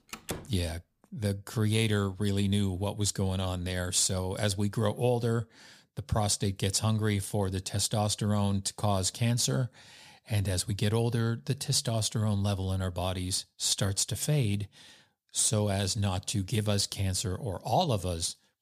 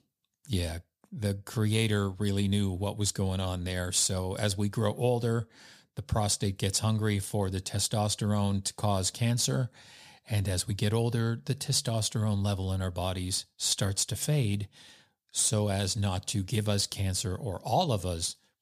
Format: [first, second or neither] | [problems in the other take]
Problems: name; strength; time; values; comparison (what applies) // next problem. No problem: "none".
second | door banging; noticeable; at the start; peak 9 dB below the speech